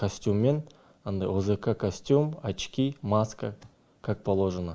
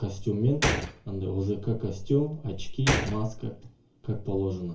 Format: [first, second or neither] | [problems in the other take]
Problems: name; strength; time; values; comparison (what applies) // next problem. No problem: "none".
first | background sound (Gunshot, gunfire); 4 dB below the speech // room echo; dies away in 0.3 s